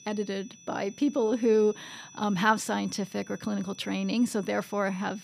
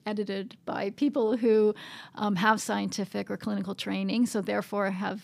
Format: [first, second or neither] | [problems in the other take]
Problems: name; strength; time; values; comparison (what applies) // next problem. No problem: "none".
second | high-pitched whine; faint; throughout; 6 kHz, 20 dB below the speech